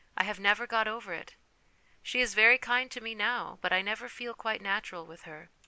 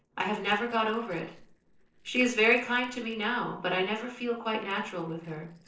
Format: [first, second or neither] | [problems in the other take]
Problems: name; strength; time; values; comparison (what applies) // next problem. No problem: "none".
first | noise reduction (neural separator model SepFormer DNS4)